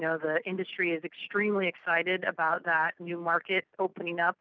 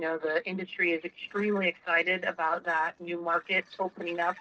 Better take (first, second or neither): first